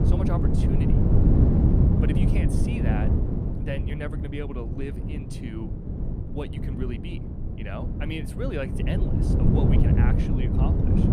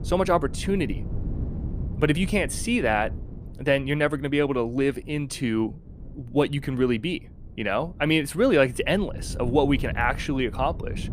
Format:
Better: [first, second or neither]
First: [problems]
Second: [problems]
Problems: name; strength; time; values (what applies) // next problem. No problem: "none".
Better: second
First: wind noise on the microphone; heavy; 3 dB above the speech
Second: wind noise on the microphone; occasional gusts; 20 dB below the speech